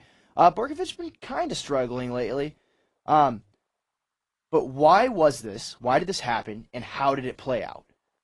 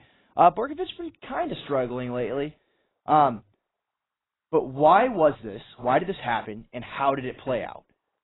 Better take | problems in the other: first | garbled, watery; badly; nothing above 4 kHz; slightly in the first

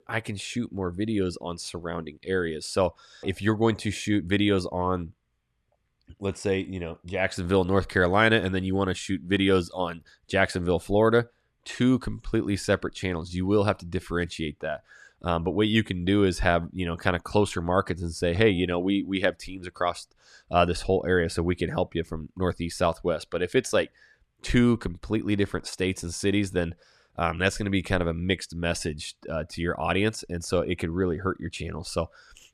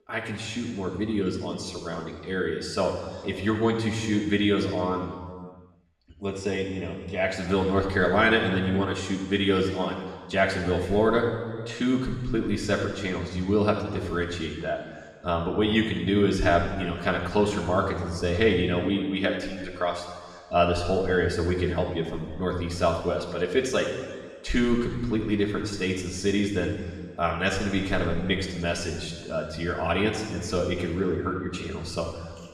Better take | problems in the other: first | room echo; noticeable; dies away in 1.5 s // off-mic speech; far

